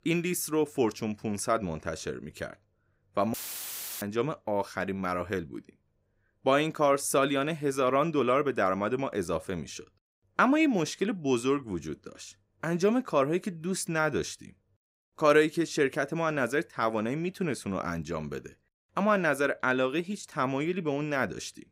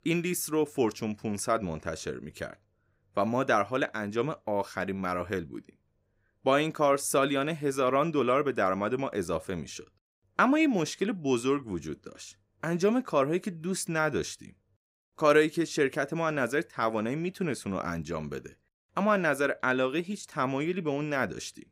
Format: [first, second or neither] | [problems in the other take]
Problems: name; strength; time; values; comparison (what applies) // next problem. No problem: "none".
second | audio cutting out; filled with static; at 3.5 s for 0.5 s